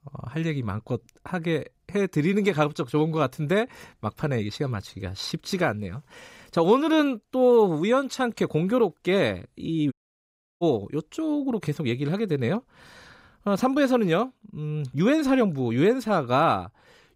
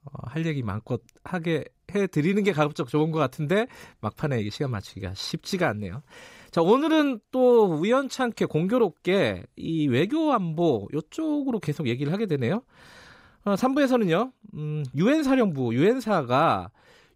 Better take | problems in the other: second | audio cutting out; at 10 s for 0.5 s

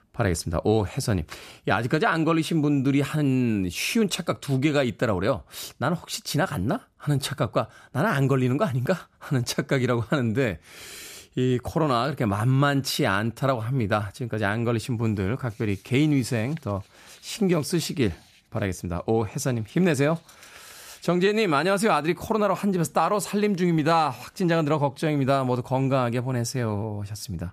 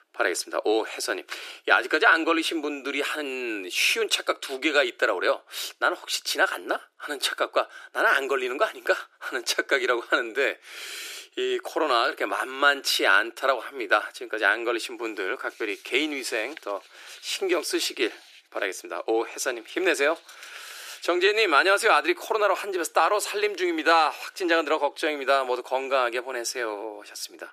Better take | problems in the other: first | thin; very; fading below 350 Hz

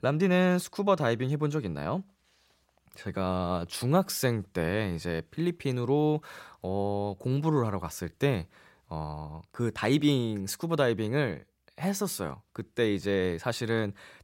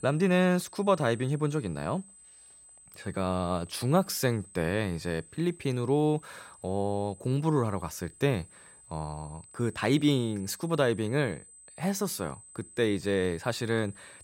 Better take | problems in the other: first | high-pitched whine; faint; throughout; 8 kHz, 20 dB below the speech

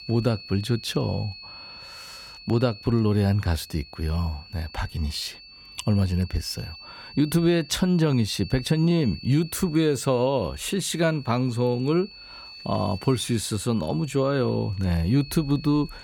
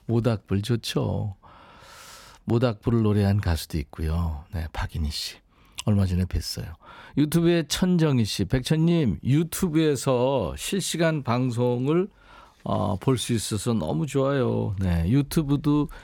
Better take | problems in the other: second | high-pitched whine; noticeable; throughout; 4.5 kHz, 15 dB below the speech

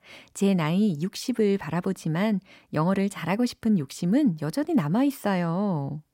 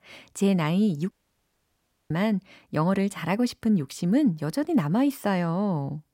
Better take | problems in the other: first | audio cutting out; at 1 s for 1 s

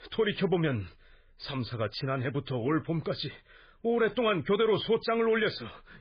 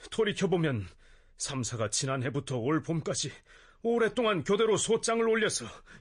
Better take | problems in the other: second | garbled, watery; badly; nothing above 4.5 kHz; slightly in the second

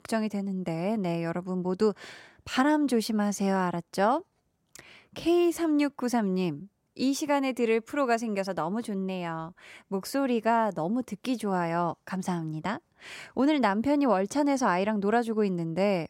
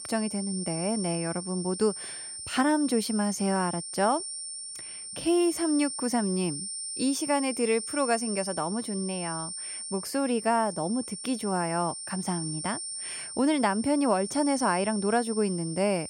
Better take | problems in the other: first | high-pitched whine; loud; throughout; 9 kHz, 6 dB below the speech

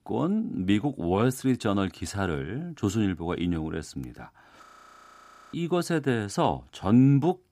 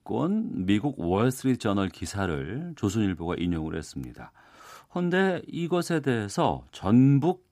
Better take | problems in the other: second | audio freezing; at 4.5 s for 1 s

